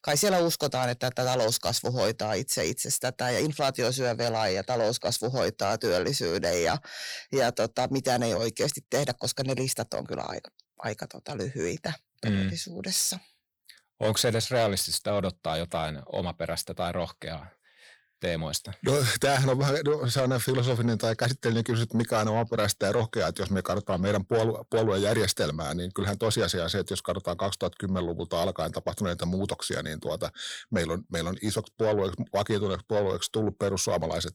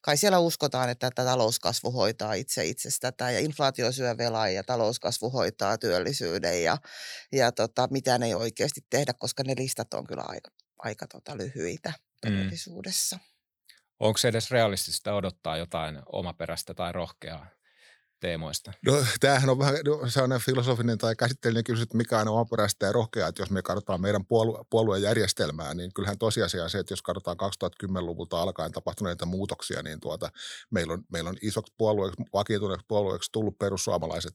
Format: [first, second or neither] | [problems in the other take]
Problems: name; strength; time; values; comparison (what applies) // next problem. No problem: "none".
second | distortion; slight; 10 dB below the speech